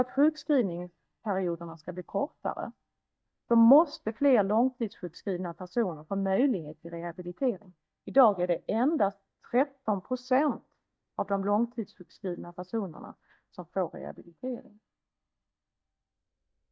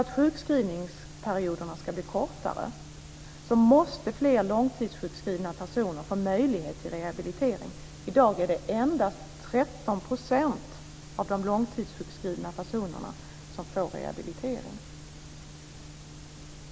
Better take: second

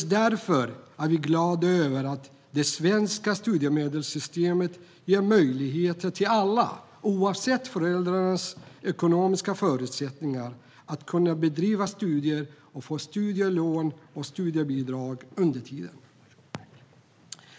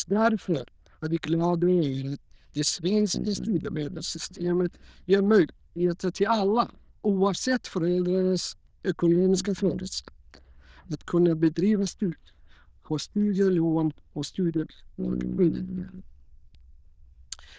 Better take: first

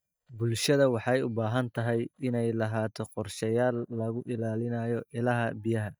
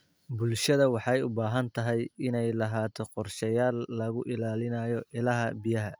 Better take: second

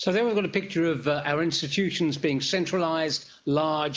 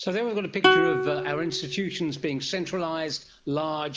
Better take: first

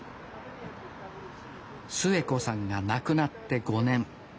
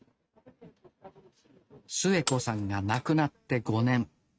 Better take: first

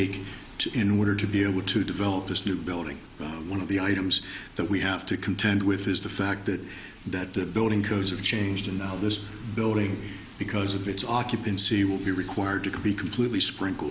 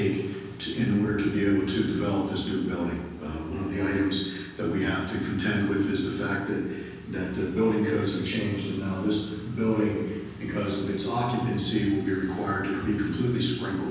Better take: first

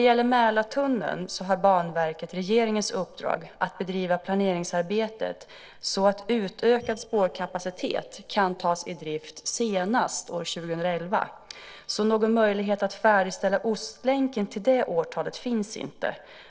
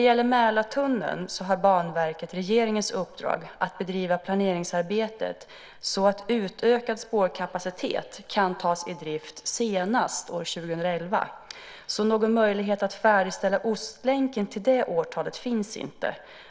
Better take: second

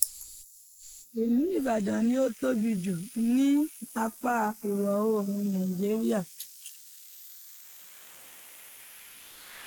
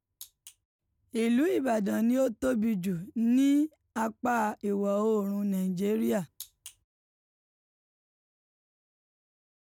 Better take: second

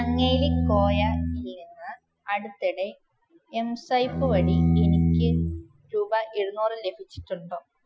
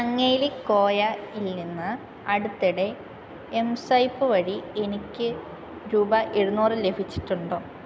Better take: second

